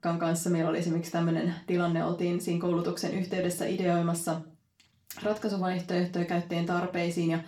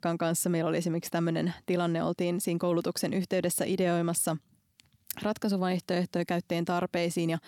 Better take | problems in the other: second | room echo; slight; dies away in 0.3 s // off-mic speech; far

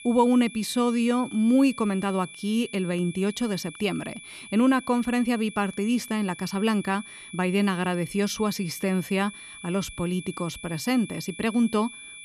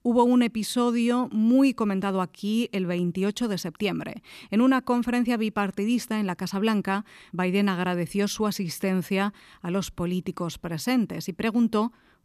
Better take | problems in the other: second | high-pitched whine; noticeable; throughout; 2.5 kHz, 15 dB below the speech

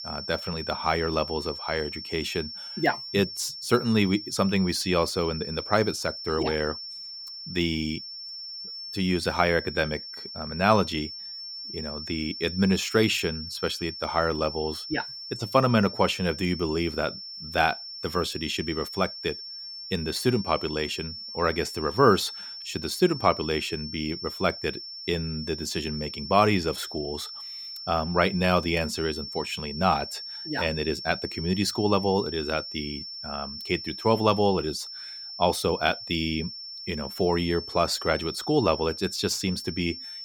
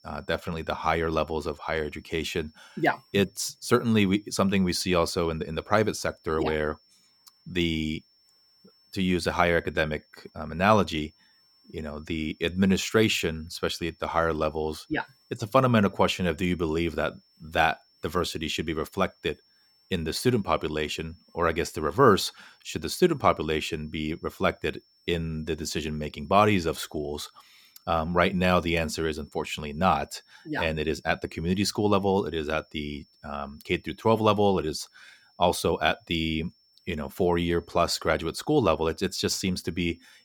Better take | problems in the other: second | high-pitched whine; loud; throughout; 5.5 kHz, 9 dB below the speech; faint in the second

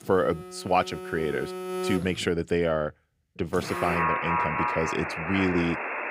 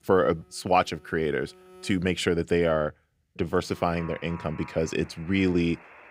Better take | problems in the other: second | alarms or sirens; loud; throughout; 2 dB below the speech; faint in the second

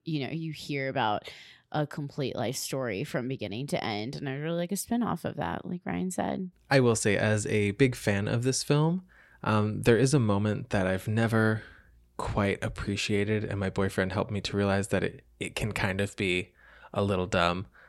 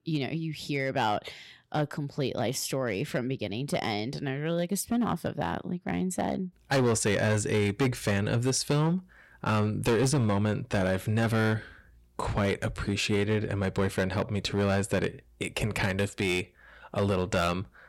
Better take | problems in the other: first | distortion; slight; 6% of the sound clipped

